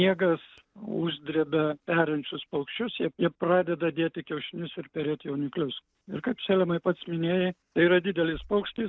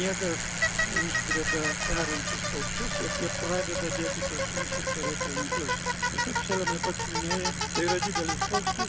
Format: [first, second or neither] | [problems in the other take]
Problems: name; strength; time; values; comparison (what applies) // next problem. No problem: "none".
first | background sound (Bicycle); 5 dB above the speech